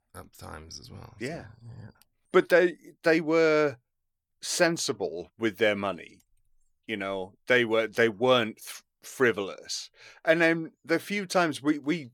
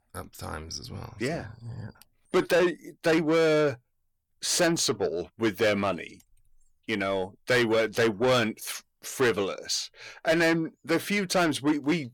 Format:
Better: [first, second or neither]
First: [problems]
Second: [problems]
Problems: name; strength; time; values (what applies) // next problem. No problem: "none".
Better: first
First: none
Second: distortion; heavy; 7 dB below the speech